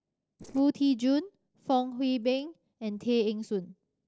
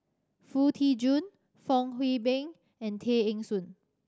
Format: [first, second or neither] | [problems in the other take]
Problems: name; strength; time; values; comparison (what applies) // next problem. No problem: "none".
second | noise reduction (neural separator model SepFormer DNS4)